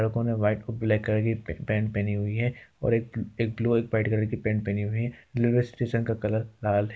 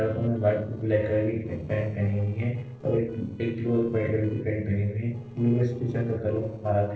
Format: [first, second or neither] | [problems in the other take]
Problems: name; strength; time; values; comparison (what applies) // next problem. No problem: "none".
first | noise reduction (neural separator model SepFormer DNS4)